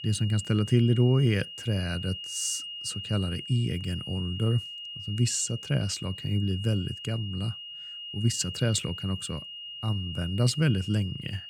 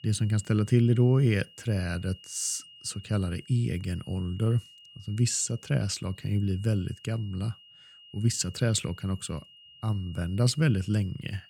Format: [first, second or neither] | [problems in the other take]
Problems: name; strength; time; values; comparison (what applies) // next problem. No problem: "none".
second | high-pitched whine; loud; throughout; 3 kHz, 9 dB below the speech; faint in the second